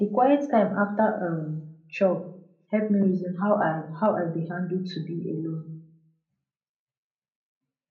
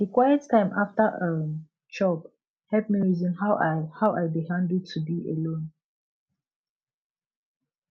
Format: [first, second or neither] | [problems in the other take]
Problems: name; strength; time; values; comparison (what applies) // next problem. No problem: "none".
second | room echo; dies away in 0.5 s